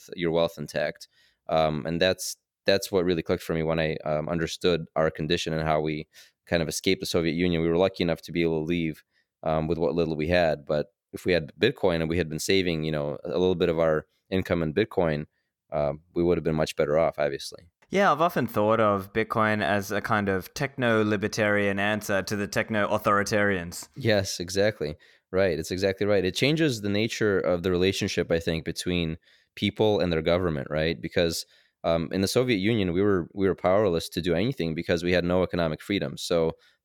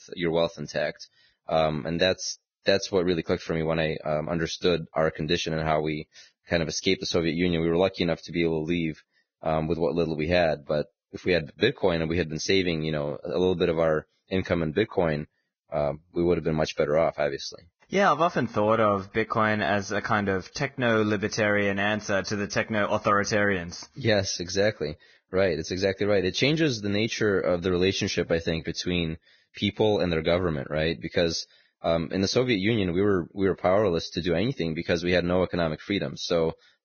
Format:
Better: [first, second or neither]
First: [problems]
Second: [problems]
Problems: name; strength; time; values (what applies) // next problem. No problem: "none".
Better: first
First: none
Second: garbled, watery; badly; nothing above 6.5 kHz